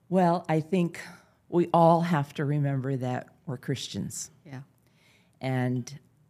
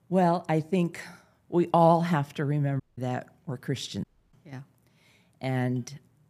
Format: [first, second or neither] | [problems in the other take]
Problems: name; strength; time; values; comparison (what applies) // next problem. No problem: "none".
first | audio cutting out; at 3 s and at 4 s